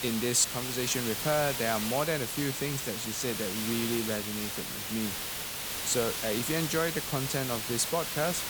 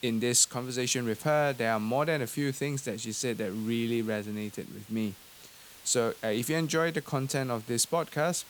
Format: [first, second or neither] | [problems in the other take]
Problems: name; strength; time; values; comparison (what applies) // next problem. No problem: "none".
second | hiss; loud; throughout; 2 dB below the speech; faint in the second